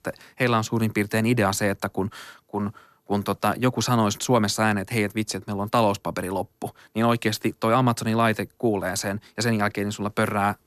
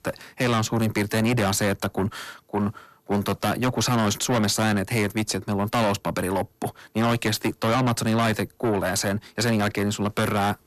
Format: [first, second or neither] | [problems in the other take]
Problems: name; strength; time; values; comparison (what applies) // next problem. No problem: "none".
first | distortion; heavy; 8 dB below the speech